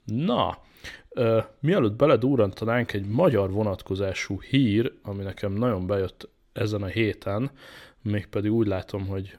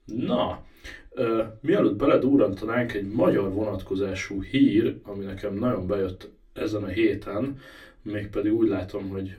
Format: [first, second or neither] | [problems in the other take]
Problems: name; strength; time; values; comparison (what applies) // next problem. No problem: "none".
first | off-mic speech; far // room echo; very slight; dies away in 0.2 s